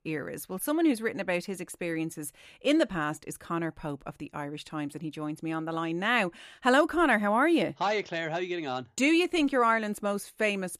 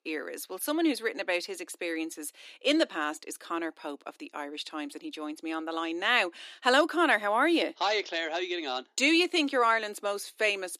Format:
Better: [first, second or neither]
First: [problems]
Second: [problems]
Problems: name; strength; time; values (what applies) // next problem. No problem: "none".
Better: first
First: none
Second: thin; very slightly; fading below 300 Hz